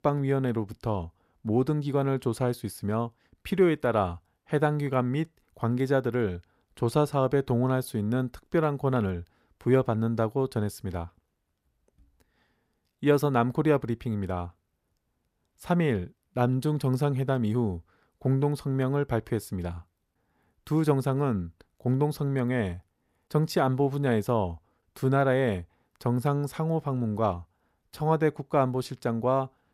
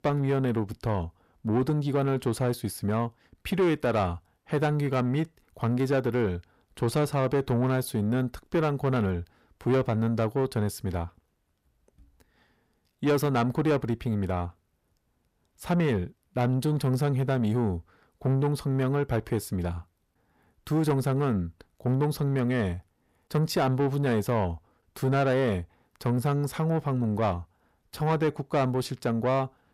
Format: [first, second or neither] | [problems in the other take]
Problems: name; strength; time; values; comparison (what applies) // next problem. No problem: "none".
first | distortion; slight; 10 dB below the speech